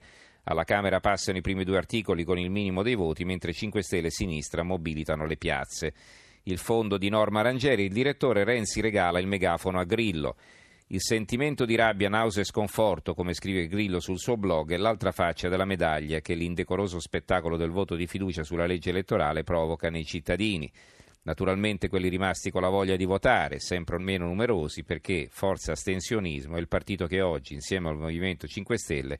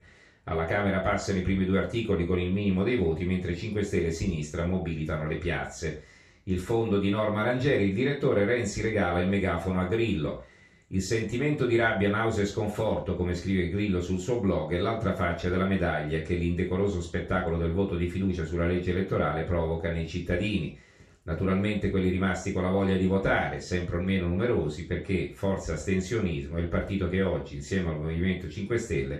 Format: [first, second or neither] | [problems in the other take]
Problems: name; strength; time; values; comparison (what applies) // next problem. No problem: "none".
first | room echo; slight; dies away in 0.3 s // off-mic speech; far